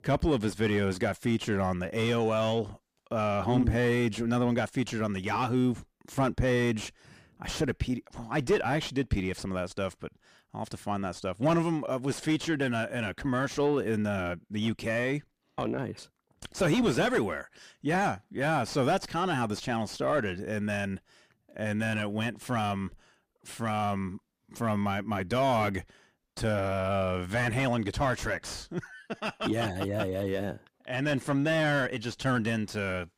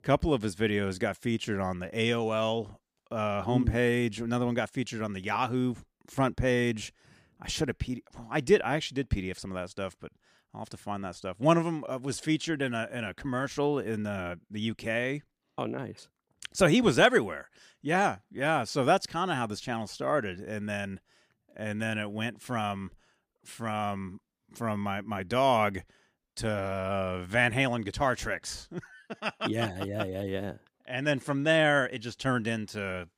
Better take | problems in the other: second | distortion; heavy; 8 dB below the speech

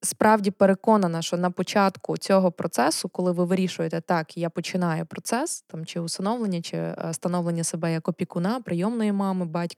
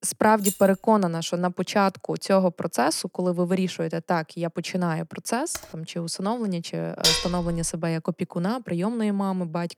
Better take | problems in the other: first | jangling keys; noticeable; at 0.5 s; peak 3 dB below the speech // keyboard typing; faint; at 5.5 s; peak 15 dB below the speech // clattering dishes; loud; at 7 s; peak 5 dB above the speech

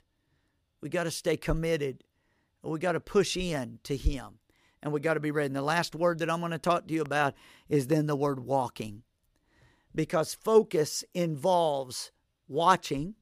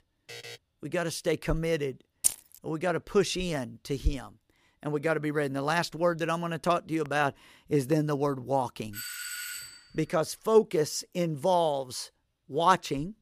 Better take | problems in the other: first | alarm; faint; at 0.5 s; peak 15 dB below the speech // jangling keys; loud; at 2 s; peak 1 dB above the speech // doorbell; noticeable; at 9 s; peak 6 dB below the speech

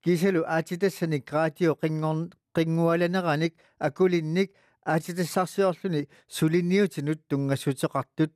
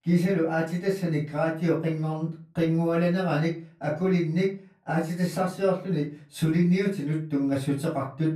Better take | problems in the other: first | room echo; slight; dies away in 0.3 s // off-mic speech; far

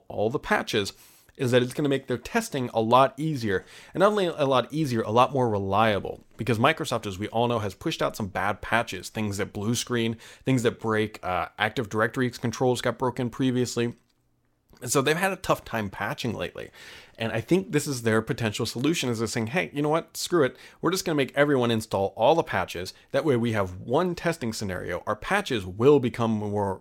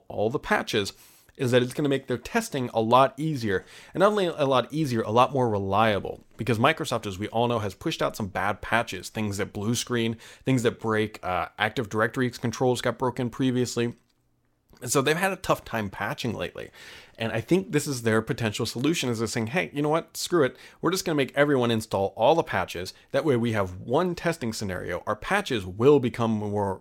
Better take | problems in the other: neither | none

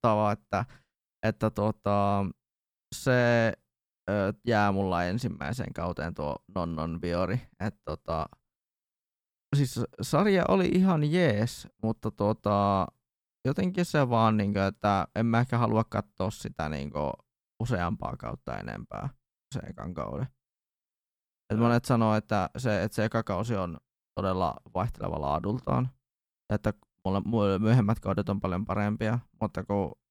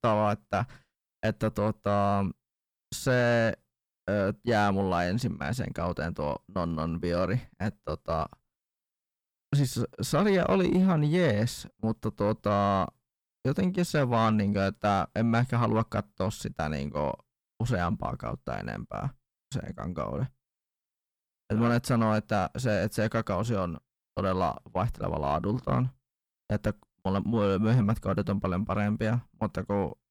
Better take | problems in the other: first | distortion; slight; 10 dB below the speech

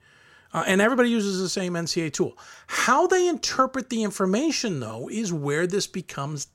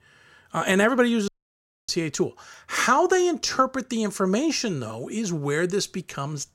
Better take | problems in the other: first | audio cutting out; at 1.5 s for 0.5 s

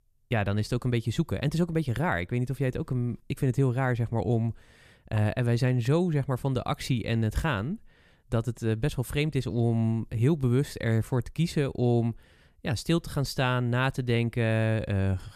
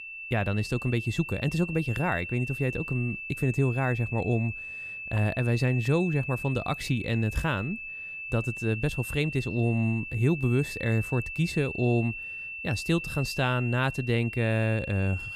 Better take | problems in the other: first | high-pitched whine; loud; throughout; 2.5 kHz, 8 dB below the speech

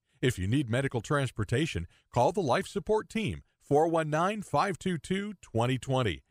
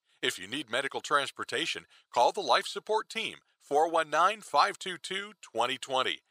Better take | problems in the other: first | thin; very; fading below 550 Hz

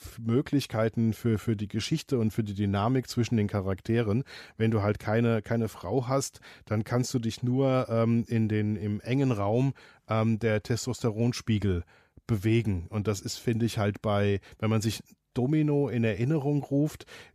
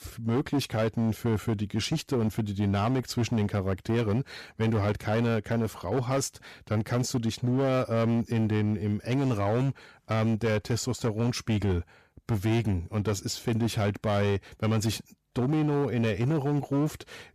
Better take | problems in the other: first | distortion; slight; 16% of the sound clipped

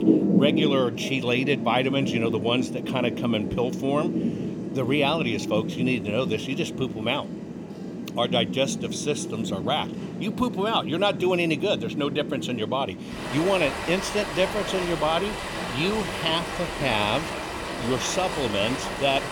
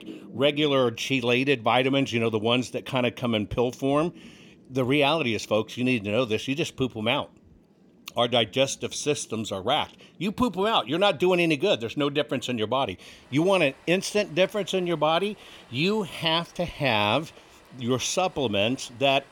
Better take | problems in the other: second | rain or running water; loud; throughout; 4 dB below the speech; faint in the second

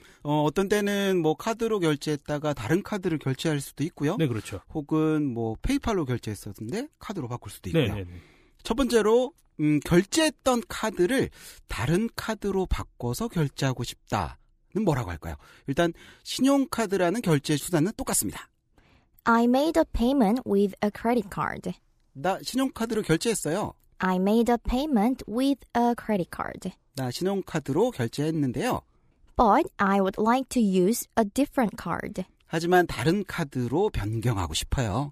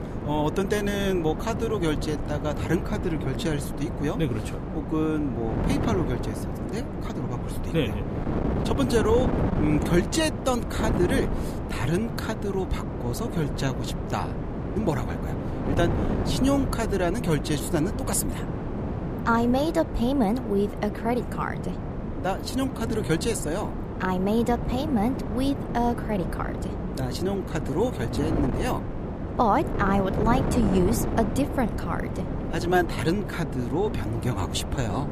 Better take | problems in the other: first | wind noise on the microphone; heavy; 6 dB below the speech

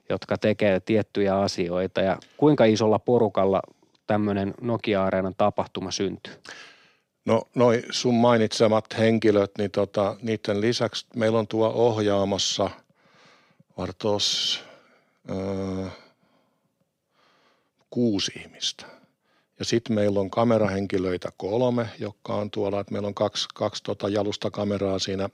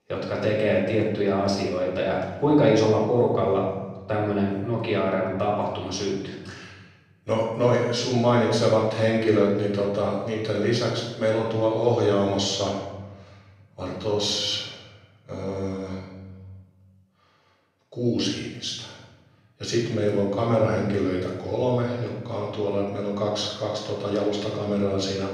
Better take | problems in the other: first | off-mic speech; far // room echo; noticeable; dies away in 1.1 s

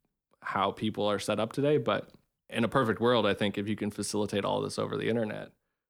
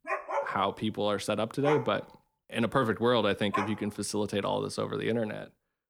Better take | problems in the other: first | dog barking; noticeable; until 3.5 s; peak 2 dB below the speech

